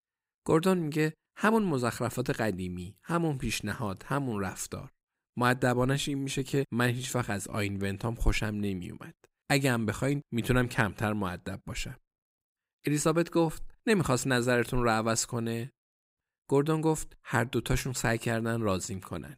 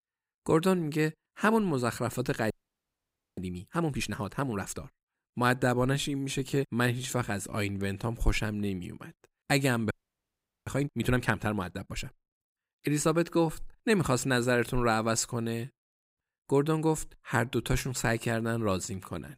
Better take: first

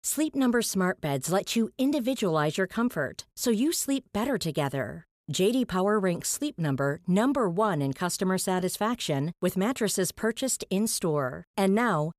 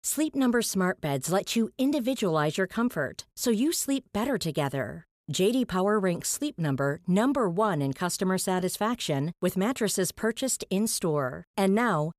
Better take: neither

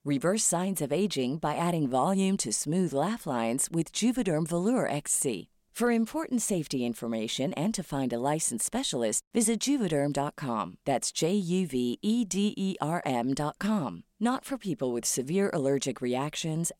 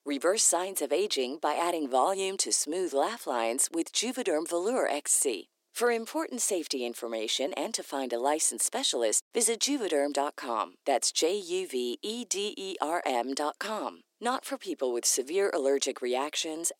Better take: first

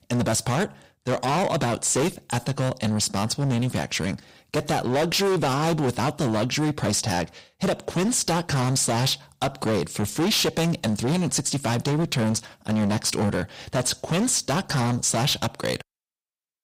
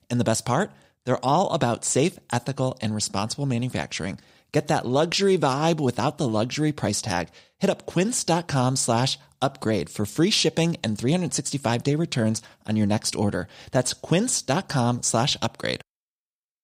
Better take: second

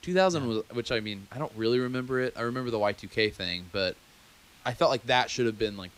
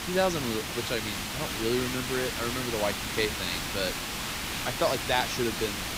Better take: first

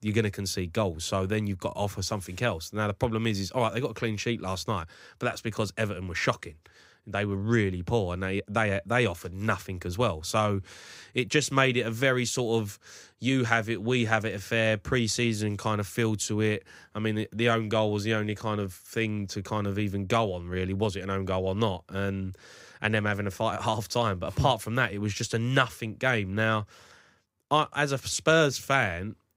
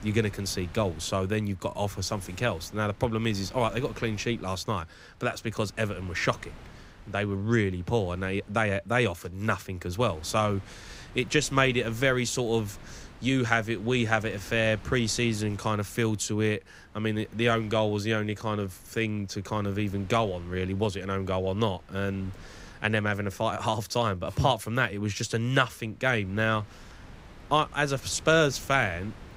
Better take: first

